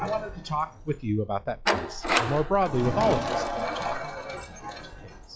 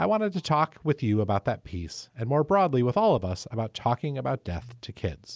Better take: second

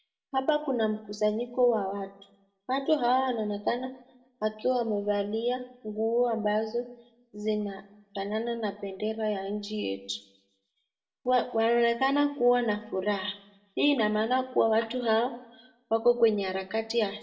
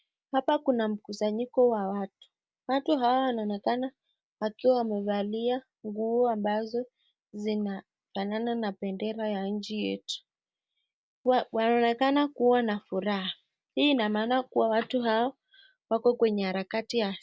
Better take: second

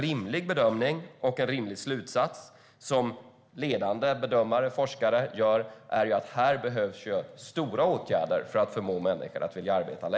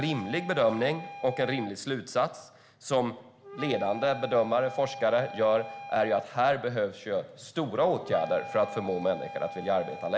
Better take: first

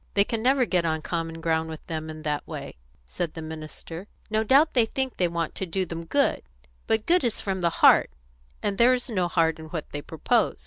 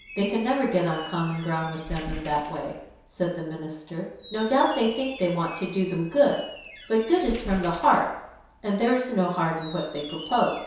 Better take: first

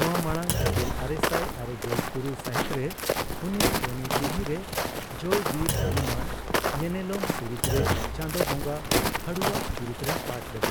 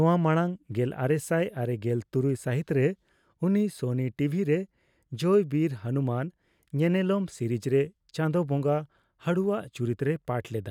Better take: second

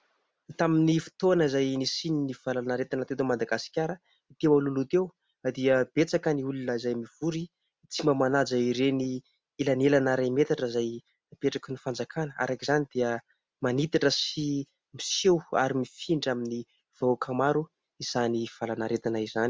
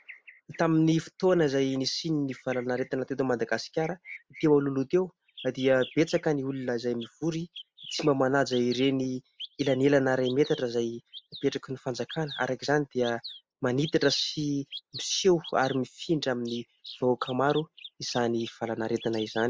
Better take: first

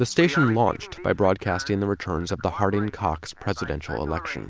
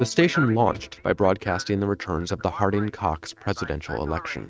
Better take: first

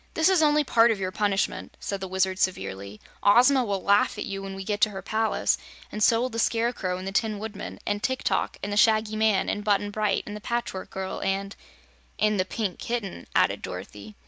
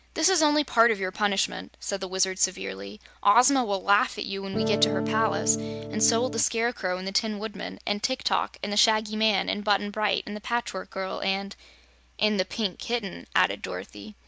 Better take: first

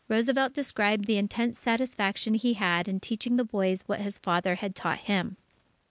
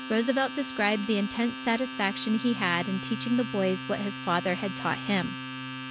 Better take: first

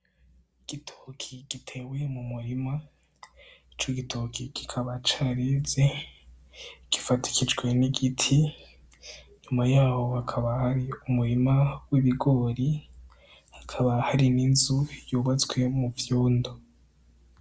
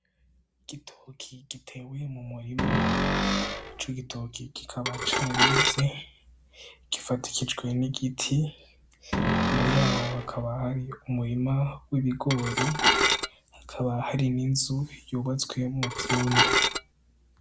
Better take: first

